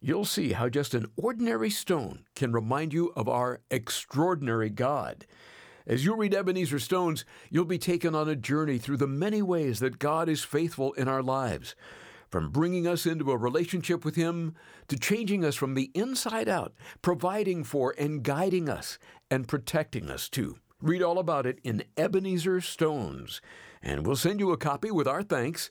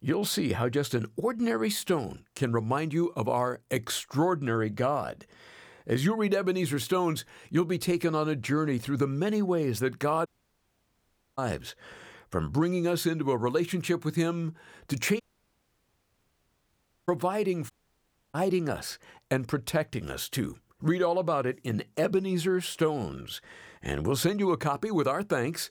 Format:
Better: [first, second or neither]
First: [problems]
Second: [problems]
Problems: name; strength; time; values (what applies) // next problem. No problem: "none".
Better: first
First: none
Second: audio cutting out; at 10 s for 1 s, at 15 s for 2 s and at 18 s for 0.5 s